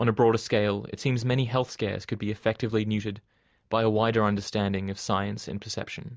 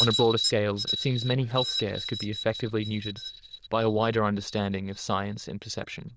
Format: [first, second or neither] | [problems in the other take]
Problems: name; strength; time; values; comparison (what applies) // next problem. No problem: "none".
first | noise reduction (neural diffusion model UNIVERSE++)